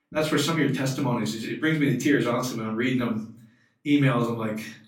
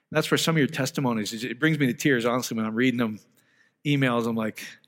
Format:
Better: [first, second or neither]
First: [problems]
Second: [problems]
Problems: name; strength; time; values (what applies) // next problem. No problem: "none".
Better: second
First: off-mic speech; far // room echo; slight; dies away in 0.4 s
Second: none